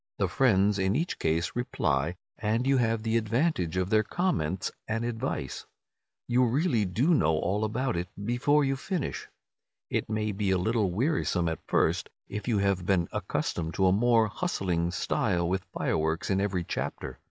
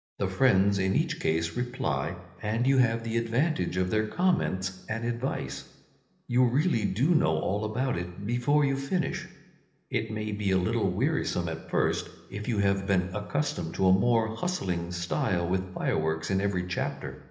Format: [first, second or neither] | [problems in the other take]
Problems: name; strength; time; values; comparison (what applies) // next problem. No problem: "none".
first | room echo; dies away in 0.8 s